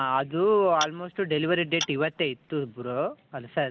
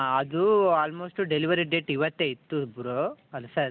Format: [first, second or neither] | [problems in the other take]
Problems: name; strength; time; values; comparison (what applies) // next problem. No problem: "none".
second | background sound (Tap / Glass); 13 dB below the speech